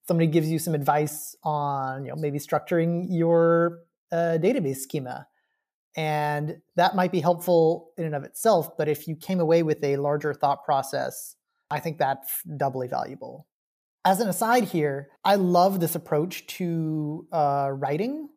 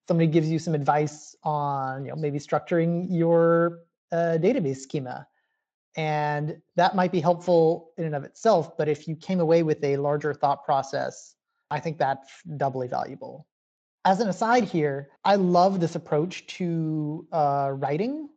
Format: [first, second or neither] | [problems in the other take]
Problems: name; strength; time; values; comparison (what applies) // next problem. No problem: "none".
first | garbled, watery; slightly; nothing above 7.5 kHz